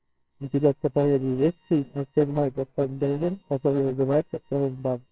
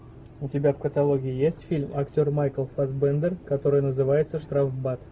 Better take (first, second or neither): second